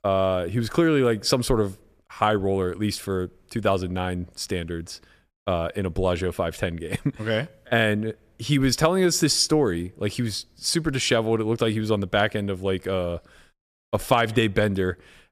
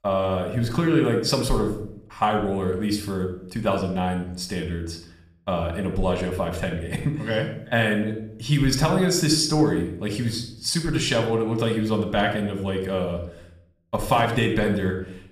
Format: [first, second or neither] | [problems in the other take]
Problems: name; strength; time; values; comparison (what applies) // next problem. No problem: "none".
first | room echo; slight; dies away in 0.6 s